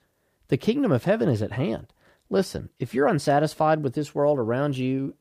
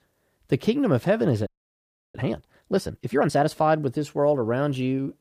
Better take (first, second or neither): first